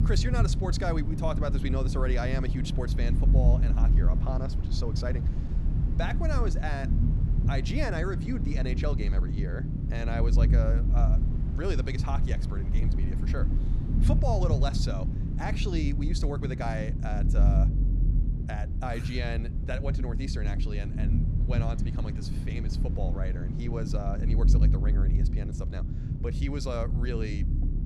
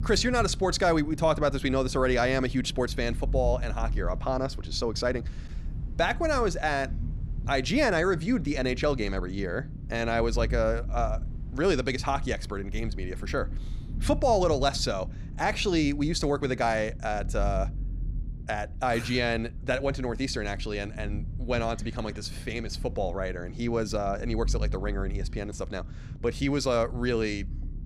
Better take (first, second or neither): second